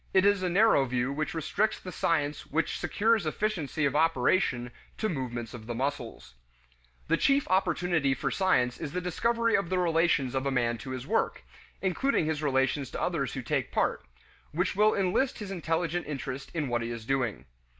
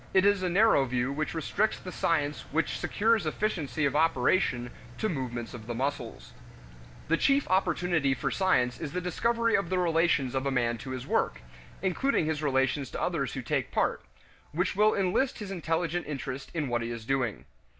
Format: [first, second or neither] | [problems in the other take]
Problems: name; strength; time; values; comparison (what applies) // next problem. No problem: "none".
first | background sound (Engine); 19 dB below the speech